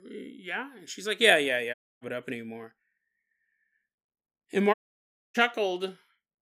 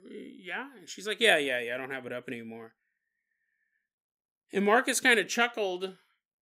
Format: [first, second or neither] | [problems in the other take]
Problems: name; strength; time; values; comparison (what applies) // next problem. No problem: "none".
second | audio cutting out; at 1.5 s and at 4.5 s for 0.5 s